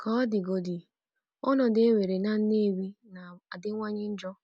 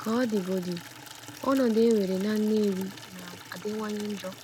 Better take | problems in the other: first | background sound (Water tap, faucet / Liquid); 16 dB below the speech

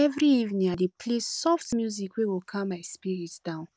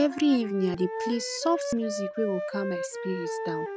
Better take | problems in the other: first | background sound (Wind instrument, woodwind instrument); 6 dB below the speech

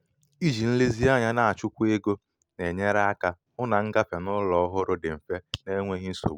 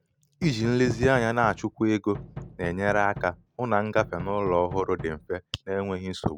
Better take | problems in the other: first | background sound (Knock); 14 dB below the speech

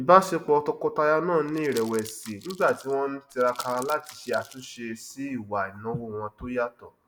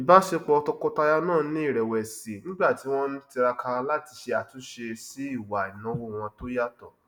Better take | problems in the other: second | background sound (Crumpling, crinkling); 19 dB below the speech

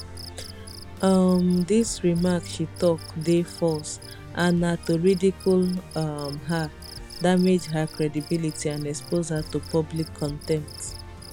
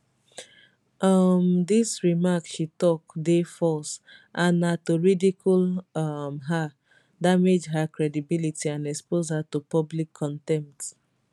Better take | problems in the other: second | background sound (Cricket + Musical instrument); 14 dB below the speech

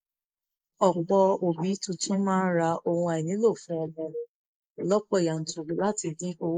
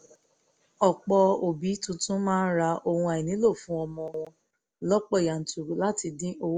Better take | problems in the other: second | noise reduction (neural mask model Resemble Enhance denoiser)

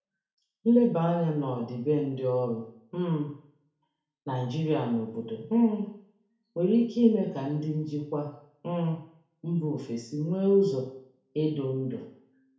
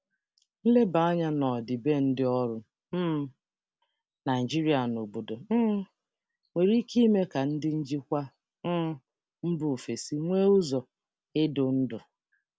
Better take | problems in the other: second | room echo; dies away in 0.6 s

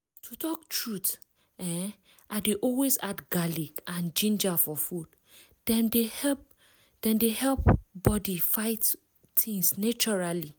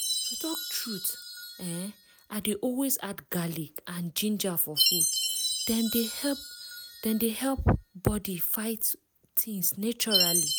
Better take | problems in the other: first | background sound (Chime); 3 dB below the speech

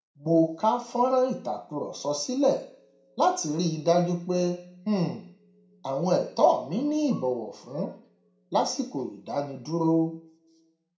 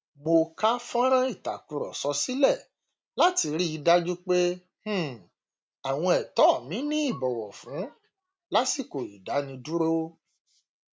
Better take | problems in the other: second | room echo; dies away in 0.5 s

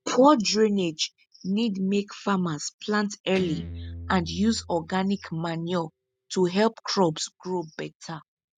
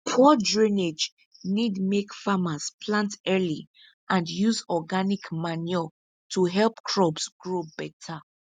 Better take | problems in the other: second | background sound (Guitar); 18 dB below the speech

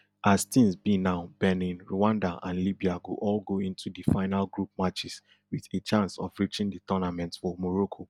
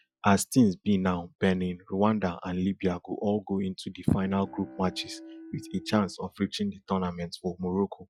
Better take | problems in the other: first | noise reduction (classical method Wiener filter)

